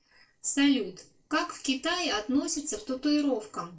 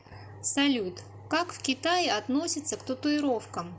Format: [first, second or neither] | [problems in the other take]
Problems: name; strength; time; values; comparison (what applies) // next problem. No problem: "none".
second | noise reduction (neural separator model SepFormer DNS4)